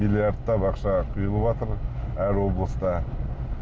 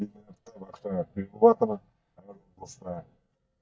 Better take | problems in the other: first | noise reduction (neural mask model DeepFilterNet 3)

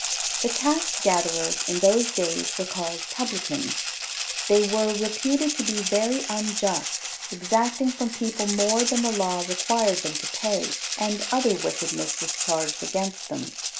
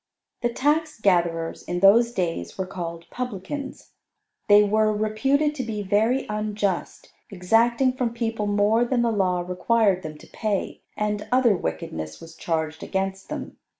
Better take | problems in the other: second | background sound (Rattle (instrument)); 3 dB below the speech

